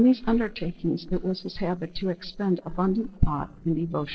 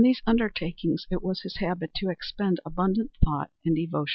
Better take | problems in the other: second | noise reduction (neural separator model SepFormer DNS4)

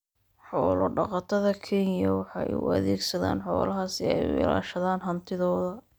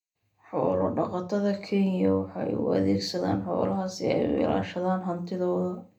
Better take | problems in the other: first | room echo; dies away in 0.3 s

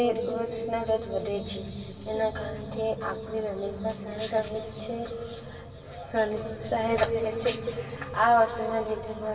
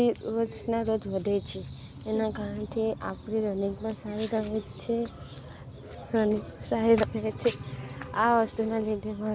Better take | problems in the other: second | room echo; dies away in 2.5 s

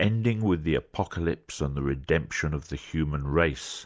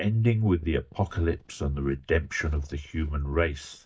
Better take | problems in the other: first | noise reduction (neural mask model DeepFilterNet 3)

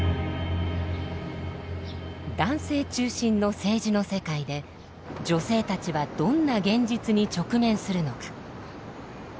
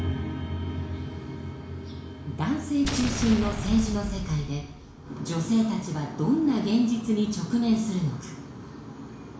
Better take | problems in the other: first | background sound (Explosion); 6 dB below the speech // room echo; dies away in 0.7 s

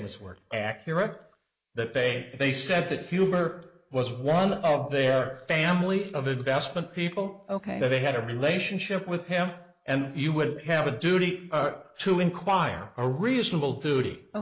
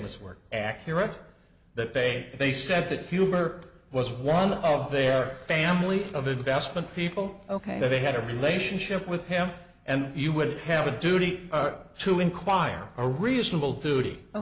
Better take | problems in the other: second | noise reduction (neural mask model Resemble Enhance denoiser)

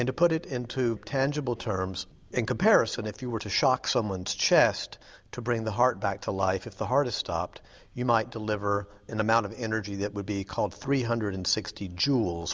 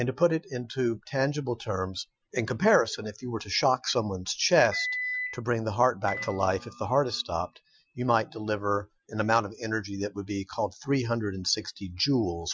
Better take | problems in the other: first | noise reduction (classical method Wiener filter)

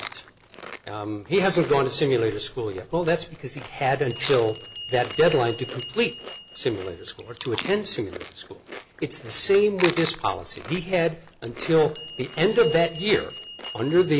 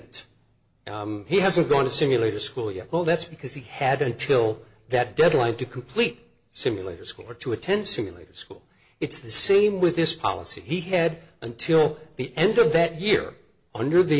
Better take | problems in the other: second | background sound (Bell + Chewing, mastication); 14 dB below the speech

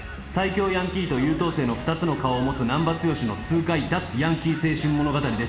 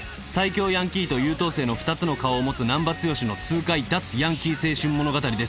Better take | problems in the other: second | room echo; dies away in 1 s

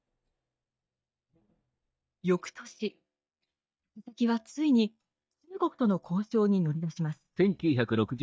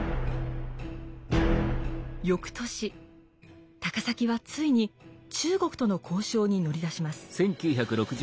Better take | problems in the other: second | noise reduction (neural mask model DeepFilterNet 3)

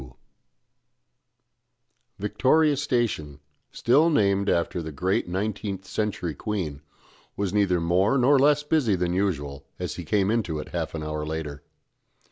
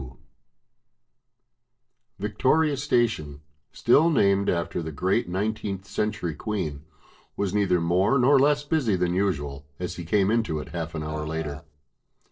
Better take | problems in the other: first | noise reduction (neural separator model SepFormer DNS4)

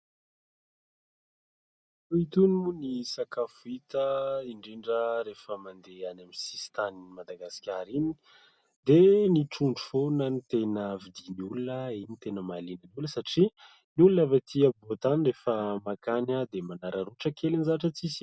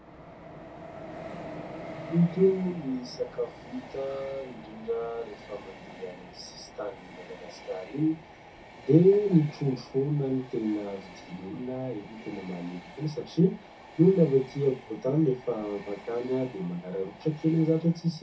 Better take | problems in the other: first | background sound (Train); 17 dB below the speech // room echo; dies away in 0.3 s

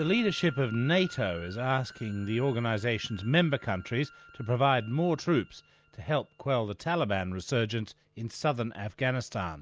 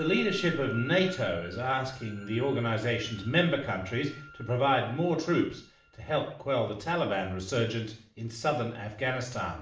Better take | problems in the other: first | room echo; dies away in 0.5 s

